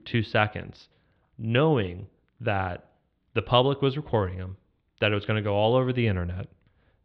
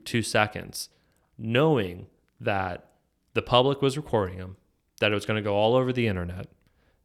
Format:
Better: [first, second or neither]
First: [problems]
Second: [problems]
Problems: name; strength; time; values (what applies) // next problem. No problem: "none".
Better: second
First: muffled; slightly; fading above 3.5 kHz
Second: none